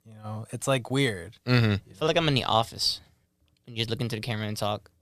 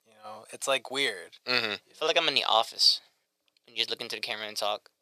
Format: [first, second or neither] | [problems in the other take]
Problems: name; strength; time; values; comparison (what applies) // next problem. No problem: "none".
first | thin; very; fading below 600 Hz